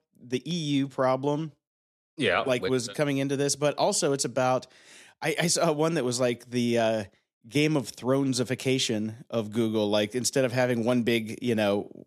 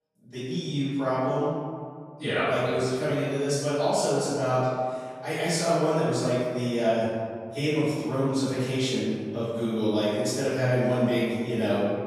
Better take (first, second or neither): first